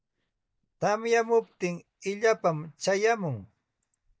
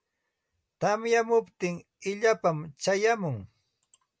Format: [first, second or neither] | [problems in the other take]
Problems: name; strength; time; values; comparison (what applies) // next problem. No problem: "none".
second | noise reduction (neural mask model DeepFilterNet 3)